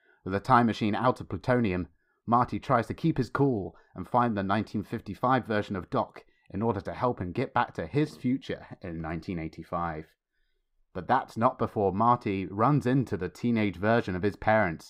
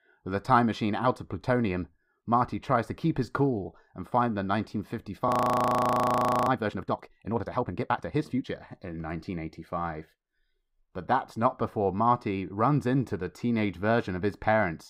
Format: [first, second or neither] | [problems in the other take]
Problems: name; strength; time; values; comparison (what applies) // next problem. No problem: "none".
first | audio freezing; at 5.5 s for 1 s